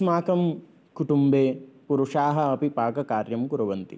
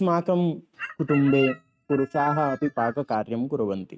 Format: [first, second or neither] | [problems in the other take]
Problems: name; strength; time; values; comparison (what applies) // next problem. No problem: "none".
first | noise reduction (neural mask model RNNoise)